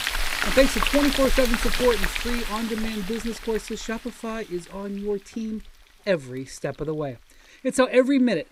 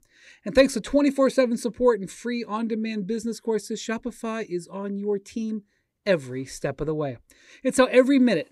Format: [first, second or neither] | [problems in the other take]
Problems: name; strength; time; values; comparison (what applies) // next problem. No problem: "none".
second | household noises; loud; throughout; 2 dB below the speech